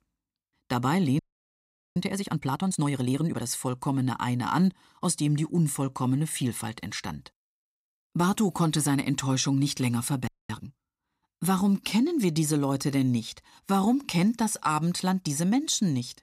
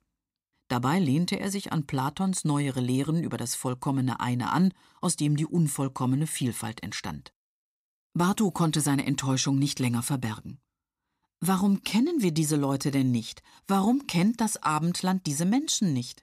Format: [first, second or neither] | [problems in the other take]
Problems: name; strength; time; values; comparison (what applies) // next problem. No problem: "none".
second | audio freezing; at 1 s for 1 s and at 10 s